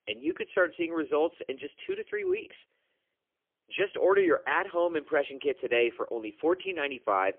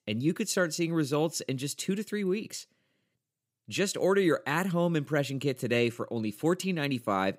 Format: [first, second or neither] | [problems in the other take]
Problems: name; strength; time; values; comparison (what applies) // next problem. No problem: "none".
second | phone-call audio; poor line; nothing above 3 kHz